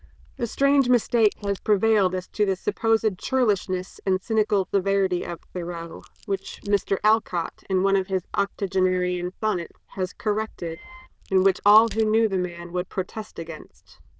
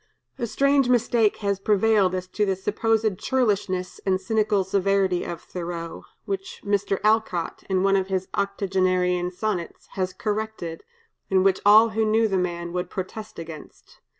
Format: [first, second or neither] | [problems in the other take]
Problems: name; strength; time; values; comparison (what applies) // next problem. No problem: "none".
second | noise reduction (neural diffusion model UNIVERSE++)